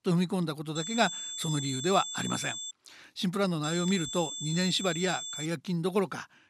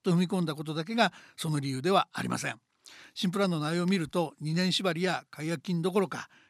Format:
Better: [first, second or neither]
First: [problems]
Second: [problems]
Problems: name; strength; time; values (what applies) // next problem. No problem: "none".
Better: second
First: high-pitched whine; loud; from 1 to 2.5 s and from 3.5 to 5.5 s; 3.5 kHz, 6 dB below the speech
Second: none